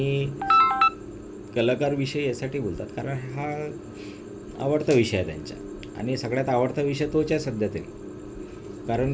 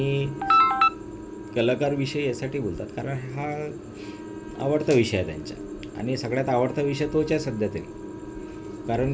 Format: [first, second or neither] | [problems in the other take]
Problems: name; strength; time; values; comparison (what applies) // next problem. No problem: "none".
first | background sound (Wind instrument, woodwind instrument); 17 dB below the speech